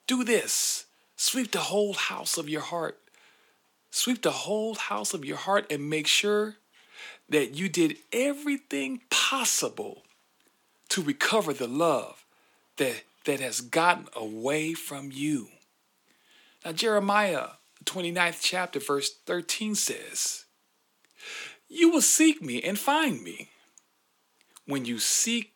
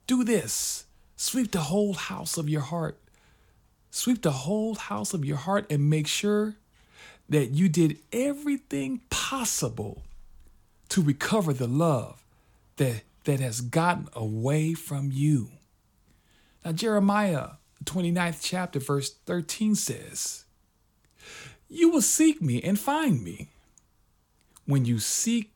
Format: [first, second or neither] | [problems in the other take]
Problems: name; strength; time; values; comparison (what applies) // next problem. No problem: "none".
second | thin; somewhat; fading below 300 Hz